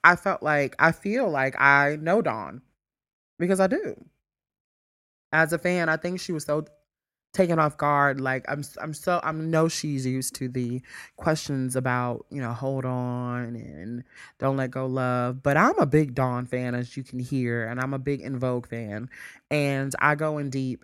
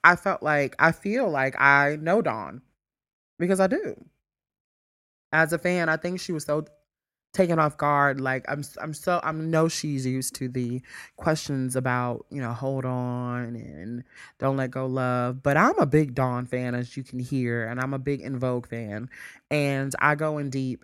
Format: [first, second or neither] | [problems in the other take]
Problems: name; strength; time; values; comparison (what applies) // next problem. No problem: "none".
neither | none